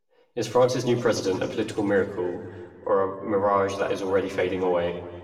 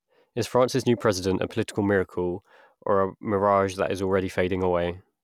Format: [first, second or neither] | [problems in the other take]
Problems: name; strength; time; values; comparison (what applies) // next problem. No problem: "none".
second | room echo; dies away in 1.9 s